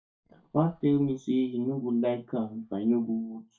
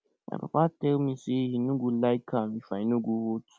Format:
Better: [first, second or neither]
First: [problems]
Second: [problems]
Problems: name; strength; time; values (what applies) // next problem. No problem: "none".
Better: second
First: noise reduction (neural mask model DeepFilterNet 3)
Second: none